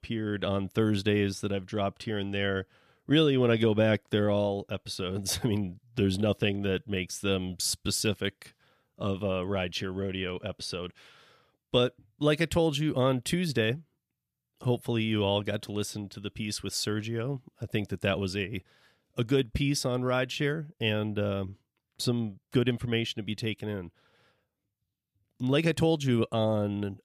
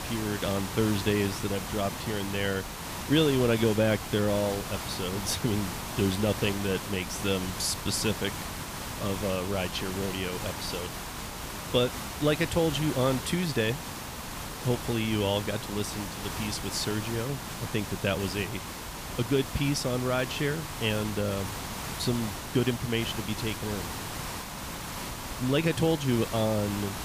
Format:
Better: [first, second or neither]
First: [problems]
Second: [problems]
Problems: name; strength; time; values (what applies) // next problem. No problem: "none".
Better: first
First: none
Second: hiss; loud; throughout; 6 dB below the speech